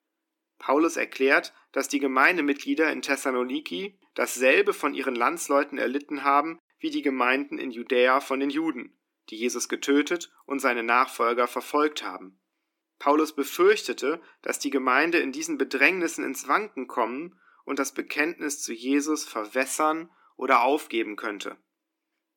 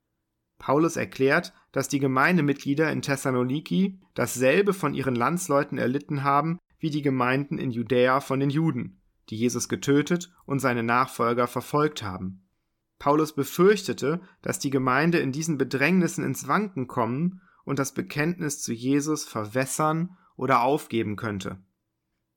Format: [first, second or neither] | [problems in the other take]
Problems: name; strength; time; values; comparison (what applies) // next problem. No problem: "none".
second | thin; very slightly; fading below 300 Hz